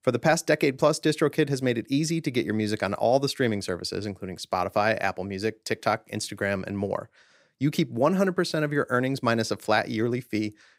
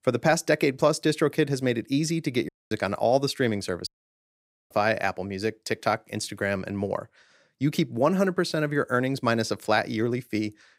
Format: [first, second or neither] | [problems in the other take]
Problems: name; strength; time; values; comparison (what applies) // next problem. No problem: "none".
first | audio cutting out; at 2.5 s and at 4 s for 1 s